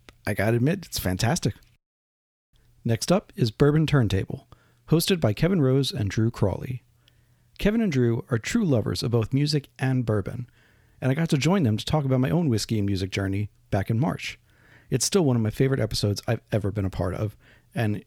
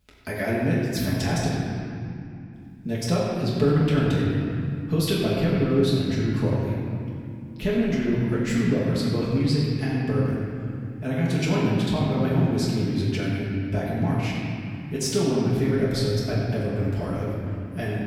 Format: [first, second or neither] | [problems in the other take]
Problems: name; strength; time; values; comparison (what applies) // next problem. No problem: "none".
first | off-mic speech; far // room echo; noticeable; dies away in 2.6 s